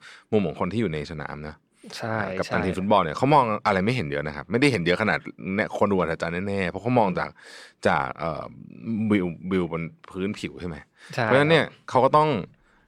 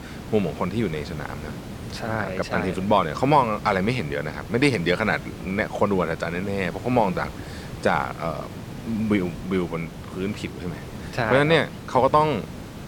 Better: first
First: none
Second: hiss; noticeable; throughout; 15 dB below the speech

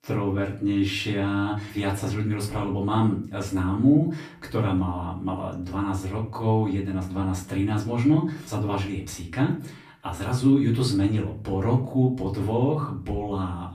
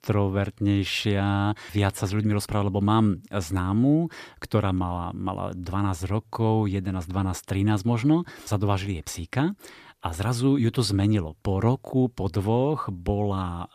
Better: second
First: off-mic speech; far // room echo; slight; dies away in 0.3 s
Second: none

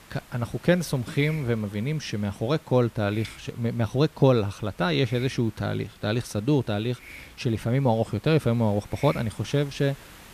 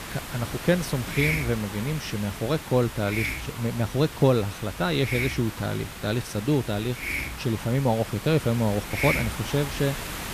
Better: first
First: hiss; faint; throughout; 20 dB below the speech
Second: hiss; loud; throughout; 6 dB below the speech

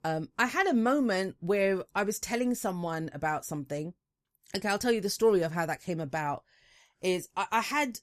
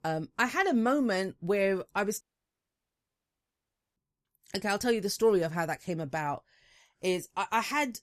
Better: first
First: none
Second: audio cutting out; at 2 s for 2 s

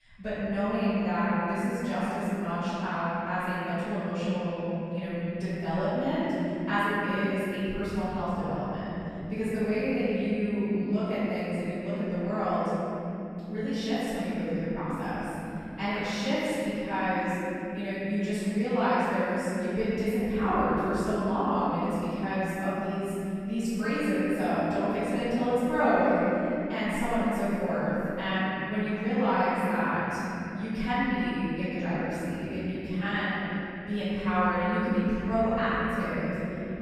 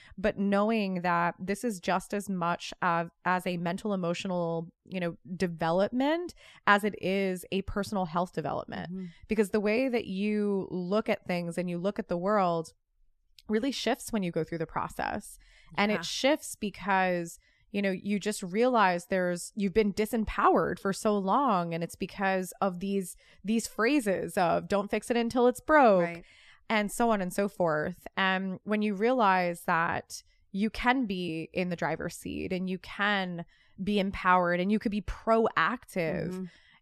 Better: second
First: off-mic speech; far // room echo; strong; dies away in 3 s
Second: none

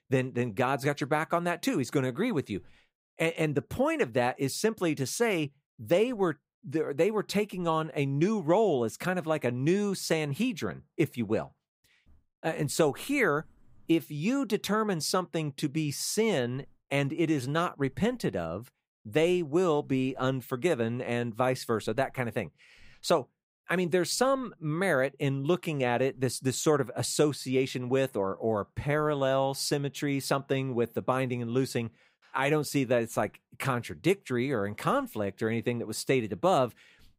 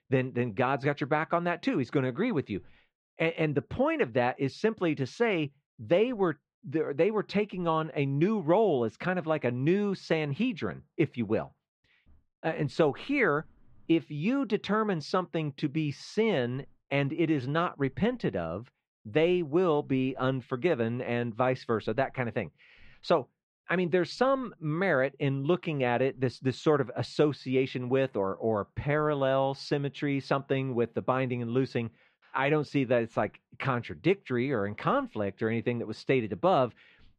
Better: first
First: none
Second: muffled; slightly; fading above 3.5 kHz

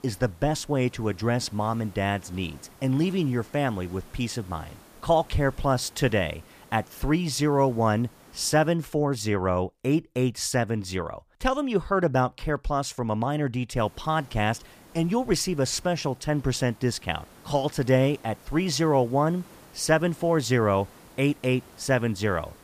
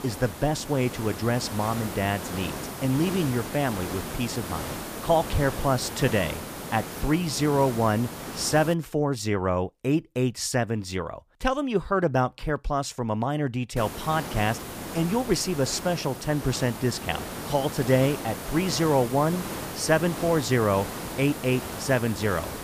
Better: first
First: hiss; faint; until 8.5 s and from 14 s on; 25 dB below the speech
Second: hiss; loud; until 8.5 s and from 14 s on; 9 dB below the speech

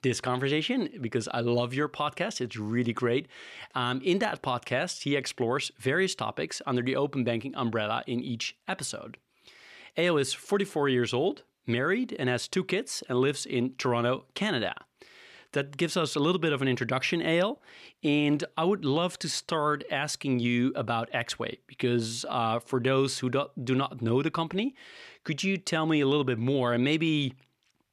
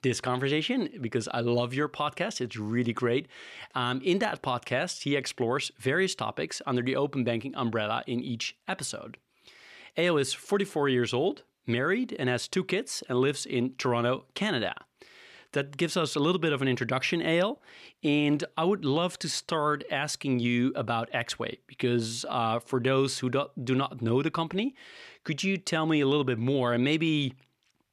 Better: neither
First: none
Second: none

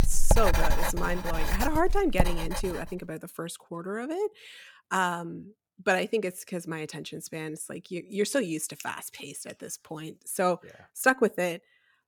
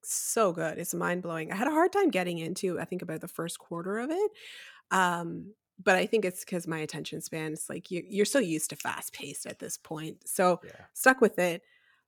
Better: second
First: household noises; very loud; until 2.5 s; as loud as the speech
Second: none

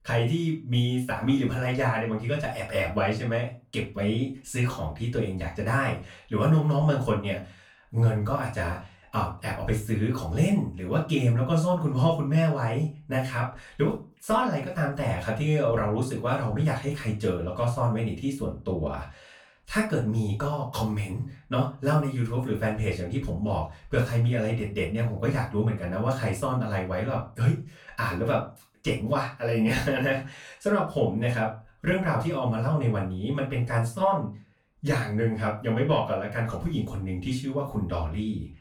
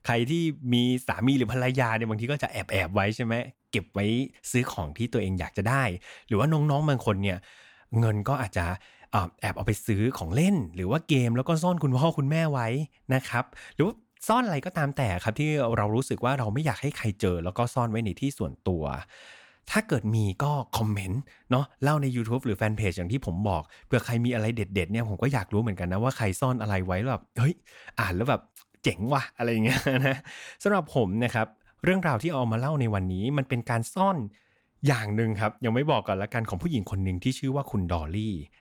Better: second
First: off-mic speech; far // room echo; slight; dies away in 0.3 s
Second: none

